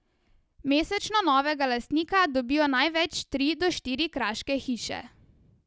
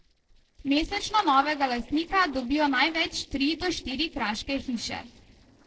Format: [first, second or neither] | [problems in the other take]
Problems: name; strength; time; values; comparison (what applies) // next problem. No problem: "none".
first | noise reduction (neural separator model SepFormer DNS4)